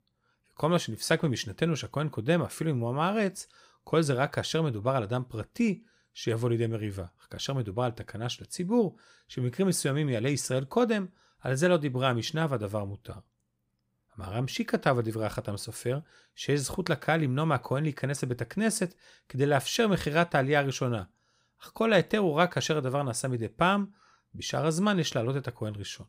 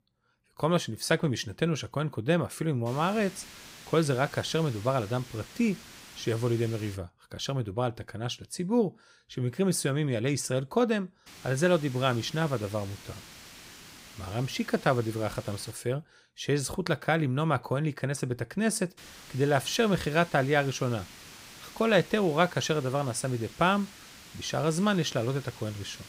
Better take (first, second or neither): first